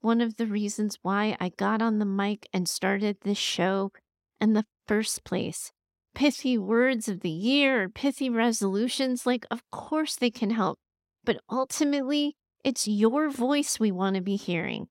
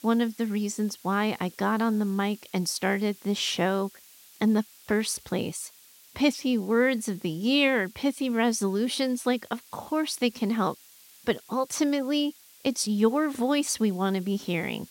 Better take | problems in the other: first | hiss; faint; throughout; 25 dB below the speech

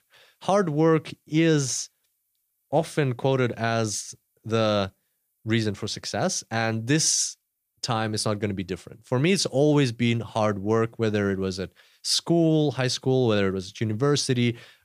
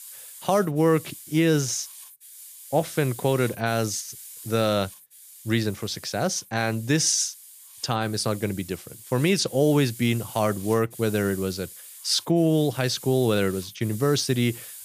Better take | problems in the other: first | hiss; noticeable; throughout; 15 dB below the speech

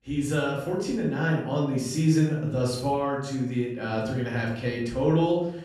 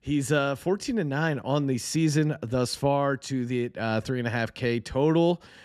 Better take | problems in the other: second | room echo; noticeable; dies away in 0.6 s // off-mic speech; far

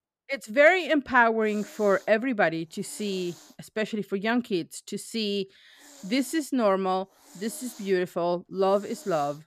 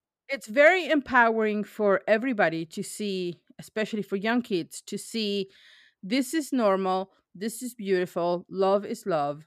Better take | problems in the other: second | hiss; faint; from 1.5 to 4 s and from 5.5 s on; 25 dB below the speech

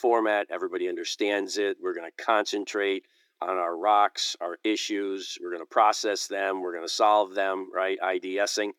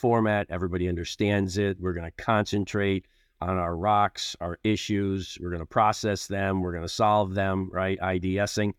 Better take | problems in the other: second | thin; very; fading below 300 Hz

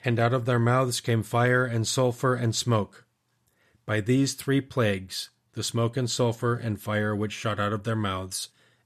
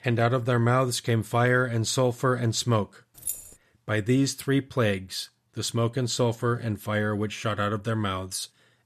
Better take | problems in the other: first | jangling keys; noticeable; at 3 s; peak 7 dB below the speech

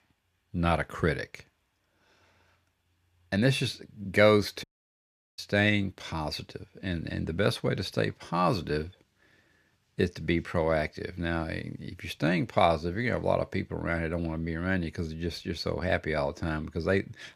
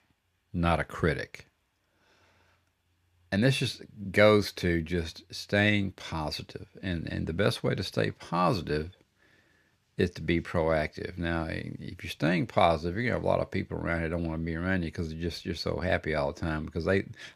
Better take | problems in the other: second | audio cutting out; at 4.5 s for 0.5 s

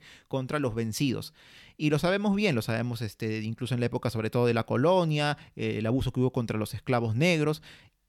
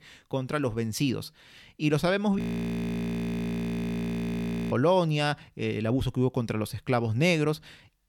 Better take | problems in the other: first | audio freezing; at 2.5 s for 2.5 s

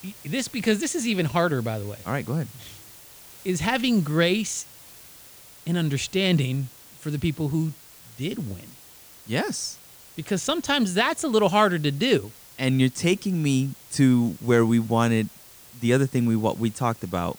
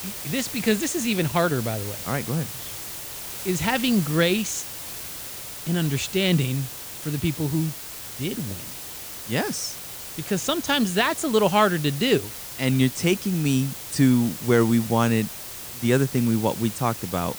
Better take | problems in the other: first | hiss; loud; throughout; 9 dB below the speech; faint in the first

